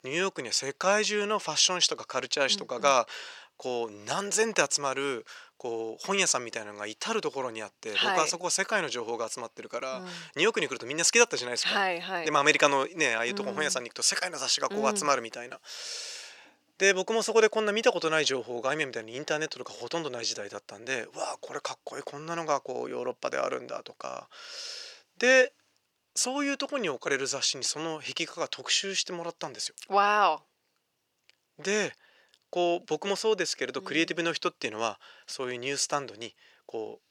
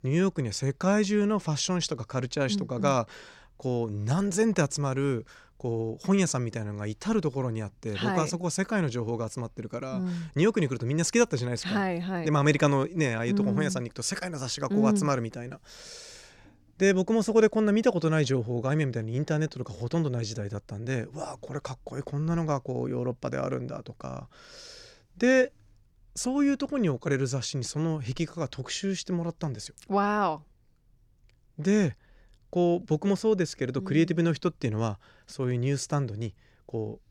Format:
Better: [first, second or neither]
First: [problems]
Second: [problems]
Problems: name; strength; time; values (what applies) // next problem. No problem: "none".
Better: second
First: thin; very; fading below 550 Hz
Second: none